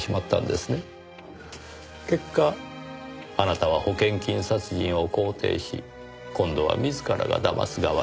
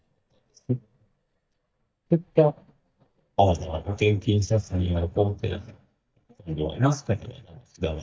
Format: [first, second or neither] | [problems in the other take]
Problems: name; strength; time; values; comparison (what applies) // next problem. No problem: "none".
first | noise reduction (neural mask model DeepFilterNet 3)